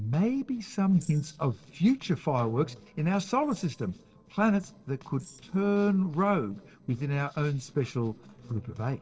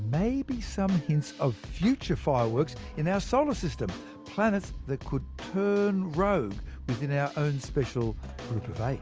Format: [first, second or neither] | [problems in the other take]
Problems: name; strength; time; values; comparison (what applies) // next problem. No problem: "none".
second | noise reduction (neural separator model SepFormer DNS4)